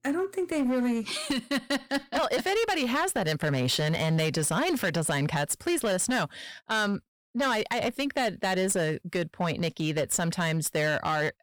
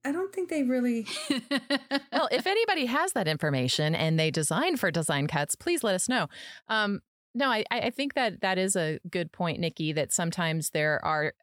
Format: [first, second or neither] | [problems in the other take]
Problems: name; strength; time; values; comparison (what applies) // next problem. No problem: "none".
second | distortion; slight; 13% of the sound clipped